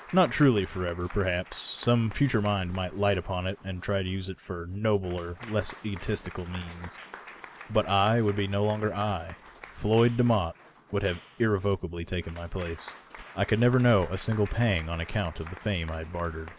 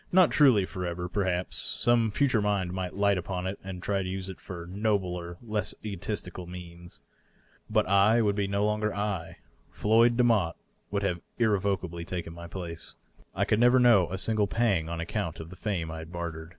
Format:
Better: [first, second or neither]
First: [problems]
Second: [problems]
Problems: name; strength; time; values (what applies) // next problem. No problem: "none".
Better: second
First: background sound (Applause / Crowd + Clapping); 20 dB below the speech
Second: none